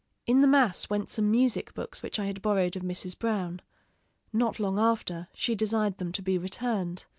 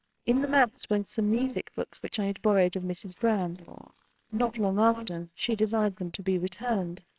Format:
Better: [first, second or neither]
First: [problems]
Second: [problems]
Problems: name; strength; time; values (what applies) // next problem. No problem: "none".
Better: first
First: none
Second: noise reduction (neural separator model SepFormer WHAMR!)